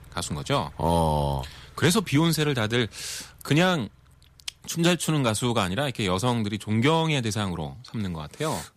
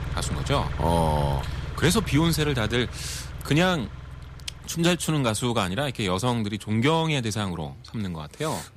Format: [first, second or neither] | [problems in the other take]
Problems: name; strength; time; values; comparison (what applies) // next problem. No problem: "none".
first | traffic noise; loud; throughout; 10 dB below the speech; faint in the first